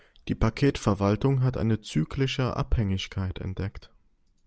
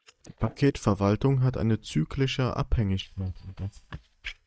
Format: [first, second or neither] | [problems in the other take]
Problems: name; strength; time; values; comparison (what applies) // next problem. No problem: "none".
first | noise reduction (neural mask model DeepFilterNet 3)